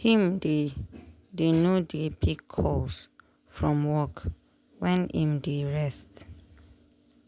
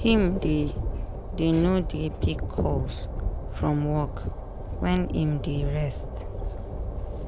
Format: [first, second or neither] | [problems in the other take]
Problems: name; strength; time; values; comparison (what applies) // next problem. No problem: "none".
first | background sound (Train); 3 dB below the speech